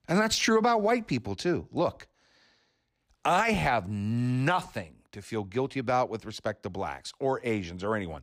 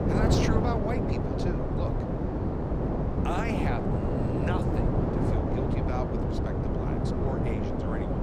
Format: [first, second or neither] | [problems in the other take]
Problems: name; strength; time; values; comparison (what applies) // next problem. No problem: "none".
first | wind noise on the microphone; heavy; 4 dB above the speech